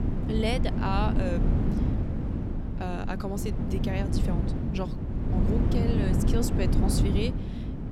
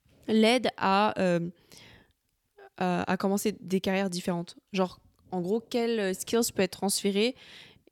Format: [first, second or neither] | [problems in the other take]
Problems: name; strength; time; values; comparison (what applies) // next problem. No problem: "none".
second | wind noise on the microphone; heavy; 2 dB below the speech